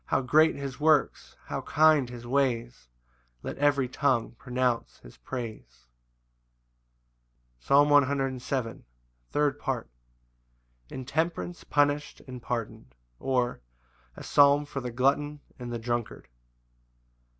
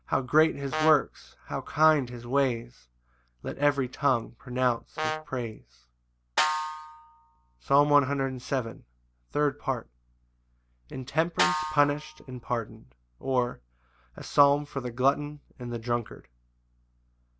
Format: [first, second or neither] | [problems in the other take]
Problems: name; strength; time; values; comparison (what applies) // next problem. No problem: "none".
first | background sound (Brass instrument + Snare drum); 4 dB below the speech